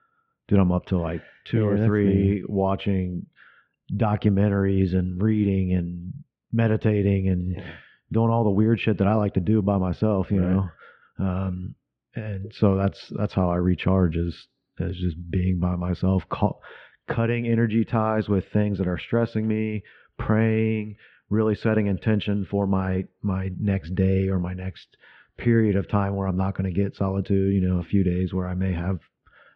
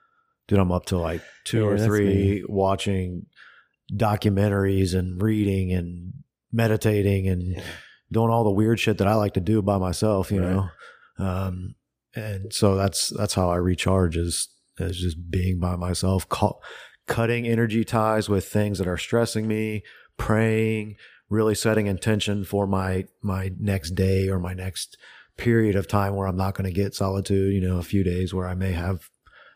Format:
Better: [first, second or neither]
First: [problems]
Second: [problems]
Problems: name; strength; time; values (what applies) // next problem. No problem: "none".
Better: second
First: muffled; very; fading above 3 kHz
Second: none